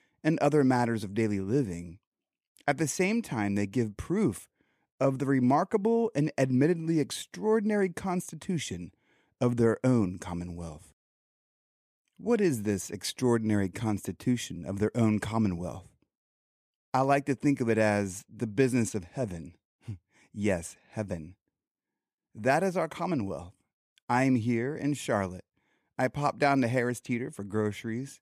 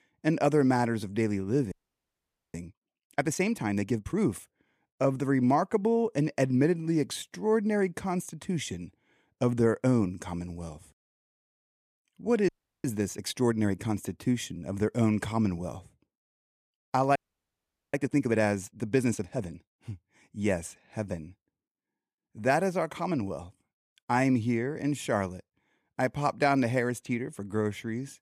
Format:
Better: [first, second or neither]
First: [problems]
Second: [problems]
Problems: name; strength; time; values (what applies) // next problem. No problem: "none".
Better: first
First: none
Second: audio freezing; at 1.5 s for 1 s, at 12 s and at 17 s for 1 s